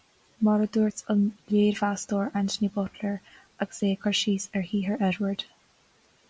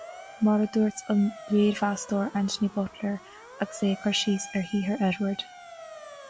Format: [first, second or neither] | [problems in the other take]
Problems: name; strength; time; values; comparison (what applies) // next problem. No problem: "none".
first | background sound (Motor vehicle (road) / Siren); 18 dB below the speech